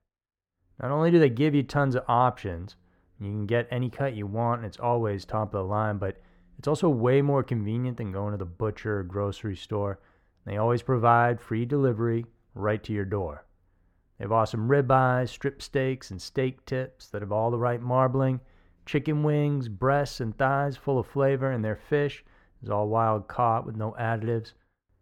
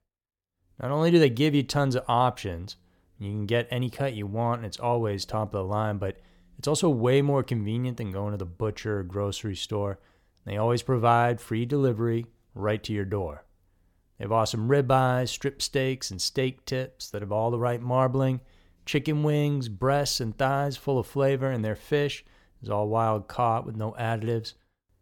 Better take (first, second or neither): second